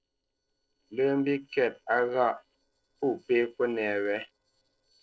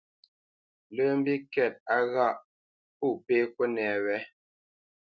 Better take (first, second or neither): second